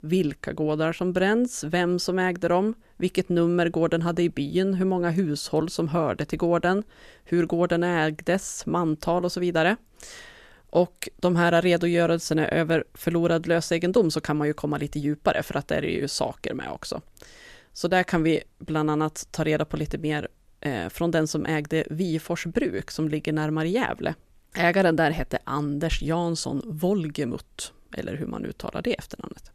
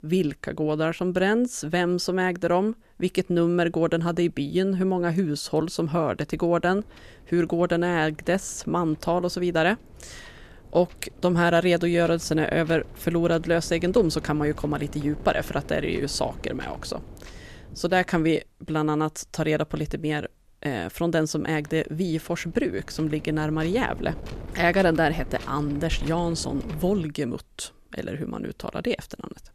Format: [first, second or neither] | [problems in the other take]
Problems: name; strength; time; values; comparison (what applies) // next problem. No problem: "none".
first | wind noise on the microphone; occasional gusts; from 6.5 to 18 s and from 22 to 27 s; 20 dB below the speech